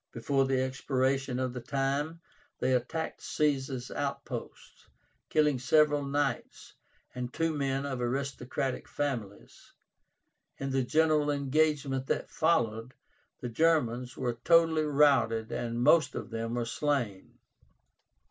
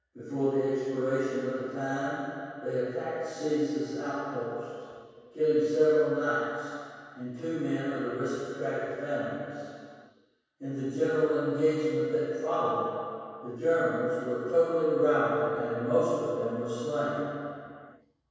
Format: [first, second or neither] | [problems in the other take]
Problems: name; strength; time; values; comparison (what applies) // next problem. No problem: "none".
first | room echo; dies away in 2.2 s